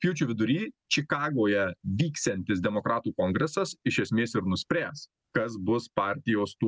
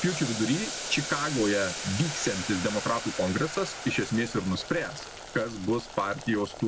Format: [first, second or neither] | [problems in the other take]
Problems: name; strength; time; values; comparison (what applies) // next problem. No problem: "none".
first | background sound (Boiling); 8 dB below the speech